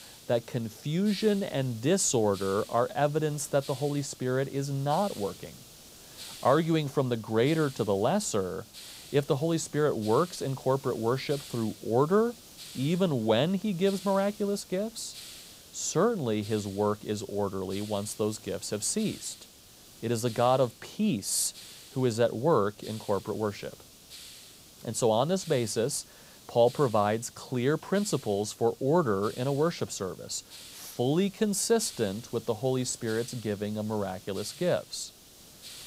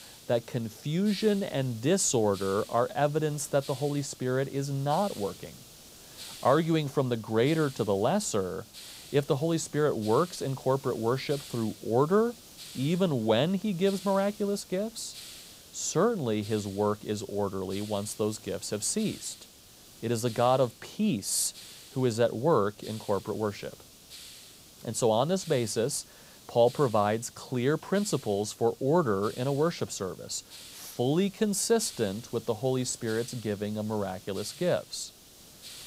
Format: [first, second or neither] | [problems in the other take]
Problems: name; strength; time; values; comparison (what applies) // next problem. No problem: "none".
neither | hiss; noticeable; throughout; 20 dB below the speech; the same in both